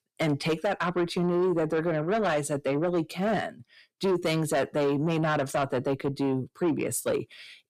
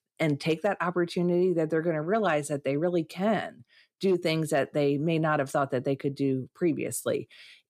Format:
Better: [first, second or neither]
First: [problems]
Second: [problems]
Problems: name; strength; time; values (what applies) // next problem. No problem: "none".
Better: second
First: distortion; slight; 10 dB below the speech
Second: none